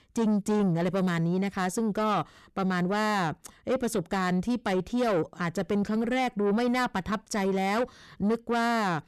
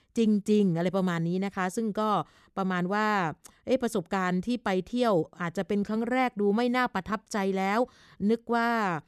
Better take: second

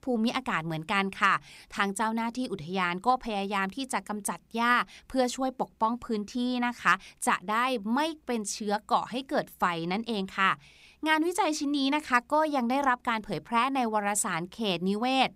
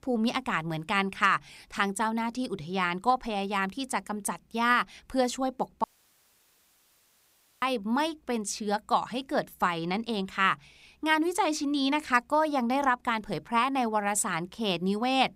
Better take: first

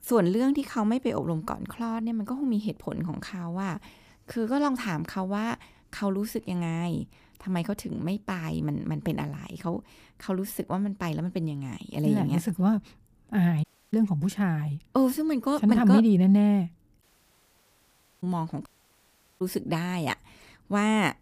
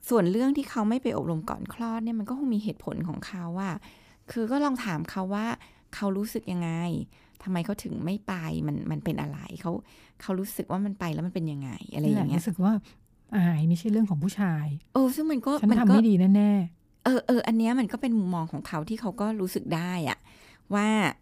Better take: second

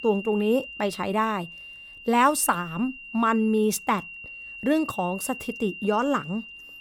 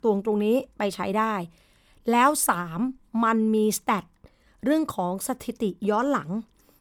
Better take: second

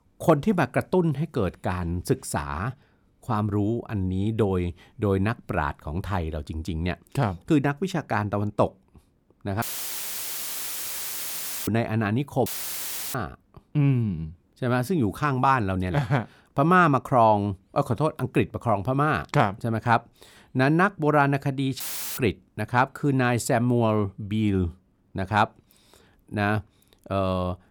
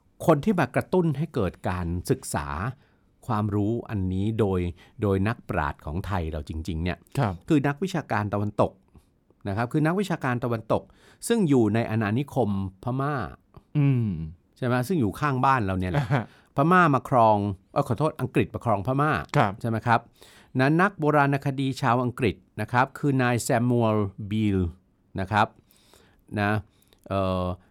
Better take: second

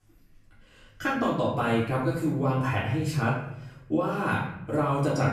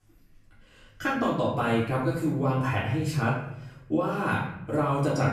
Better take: neither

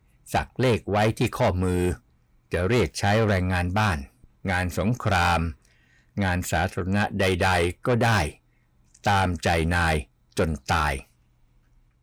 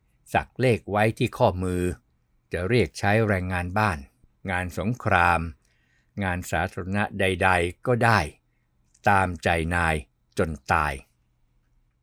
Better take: second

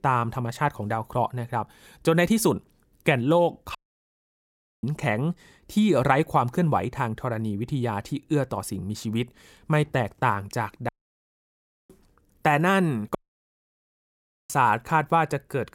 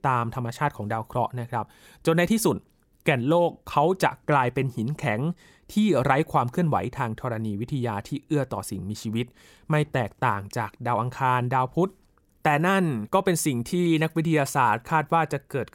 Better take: second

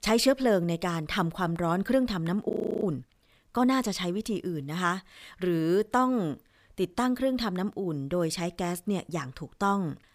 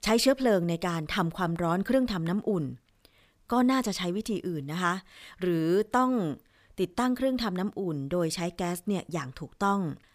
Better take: second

